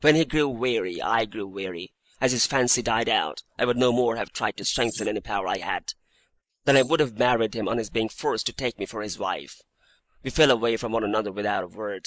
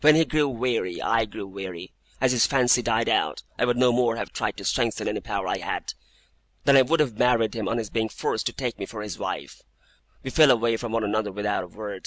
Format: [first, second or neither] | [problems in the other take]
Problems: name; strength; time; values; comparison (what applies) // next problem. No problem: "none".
second | noise reduction (neural mask model Resemble Enhance denoiser)